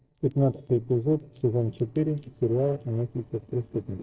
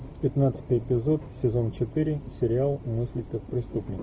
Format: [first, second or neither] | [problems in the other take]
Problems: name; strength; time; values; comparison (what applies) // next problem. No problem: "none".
second | noise reduction (neural separator model SepFormer DNS4)